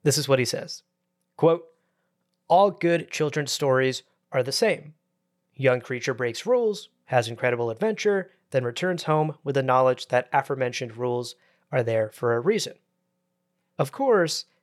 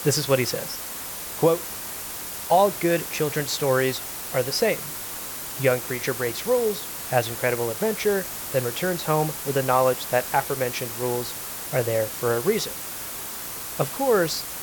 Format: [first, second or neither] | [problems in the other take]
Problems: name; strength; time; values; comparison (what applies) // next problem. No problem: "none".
first | hiss; loud; throughout; 6 dB below the speech